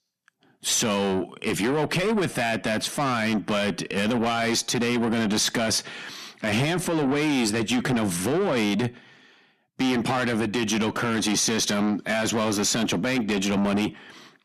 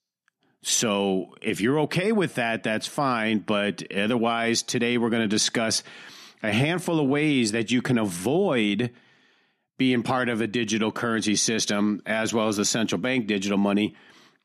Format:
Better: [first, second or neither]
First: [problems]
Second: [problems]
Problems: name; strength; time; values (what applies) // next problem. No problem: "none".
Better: second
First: distortion; heavy; 8 dB below the speech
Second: none